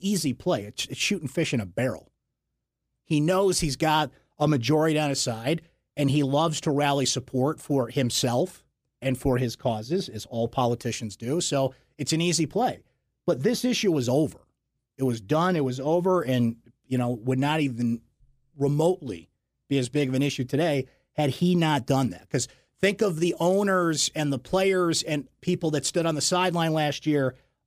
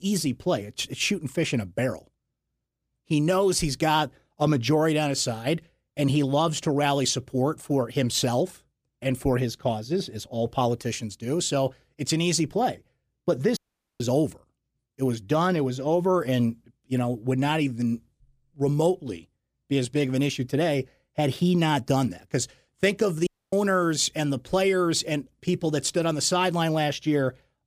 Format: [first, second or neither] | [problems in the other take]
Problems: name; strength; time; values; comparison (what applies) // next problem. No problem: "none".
first | audio cutting out; at 14 s and at 23 s